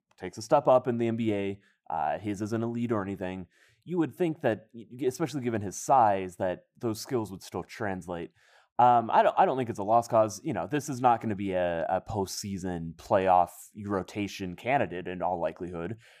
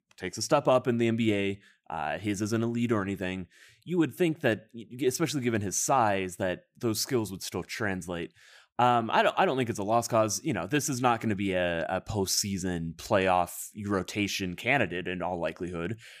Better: second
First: muffled; slightly; fading above 1.5 kHz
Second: none

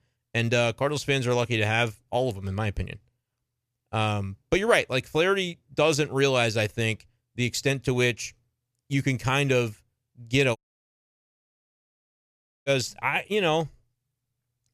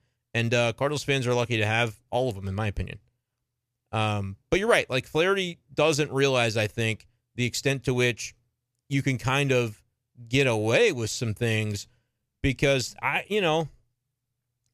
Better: second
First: audio cutting out; at 11 s for 2 s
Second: none

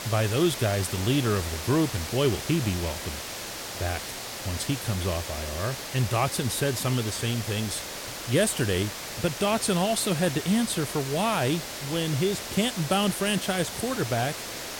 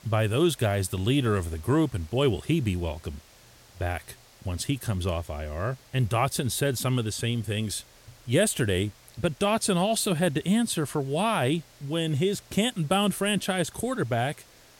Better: second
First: hiss; loud; throughout; 7 dB below the speech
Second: hiss; faint; throughout; 25 dB below the speech

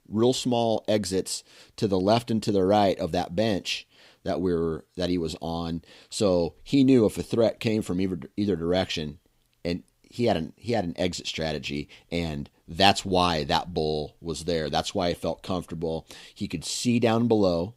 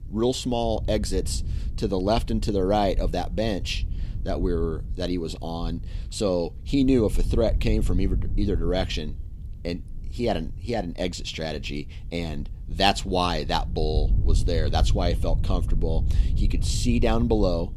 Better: first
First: none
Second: wind noise on the microphone; occasional gusts; 20 dB below the speech

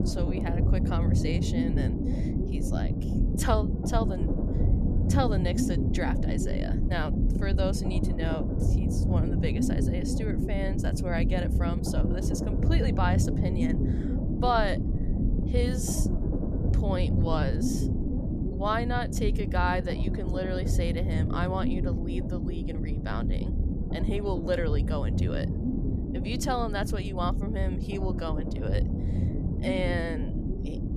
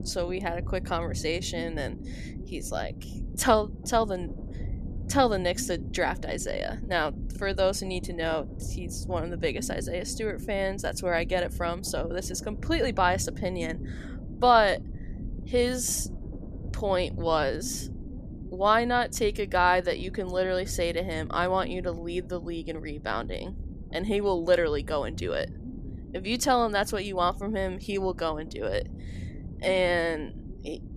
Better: second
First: low rumble; loud; throughout; 4 dB below the speech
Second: low rumble; faint; throughout; 20 dB below the speech

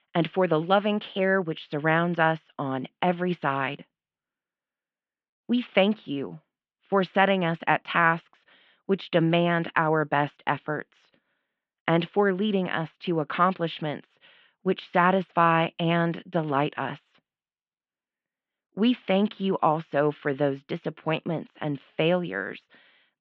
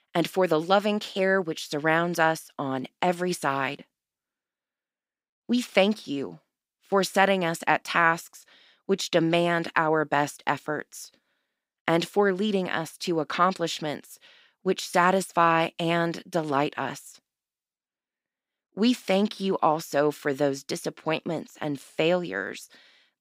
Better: second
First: muffled; very; fading above 3 kHz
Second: none

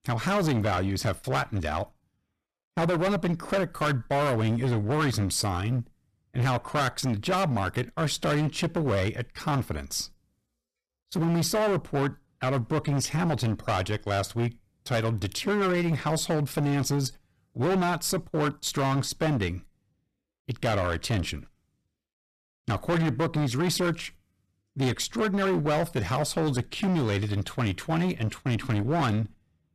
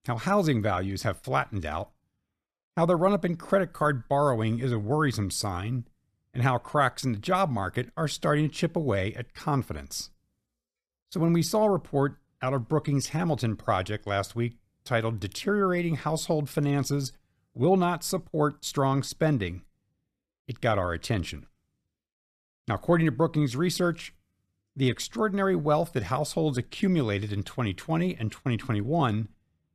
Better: second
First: distortion; heavy; 16% of the sound clipped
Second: none

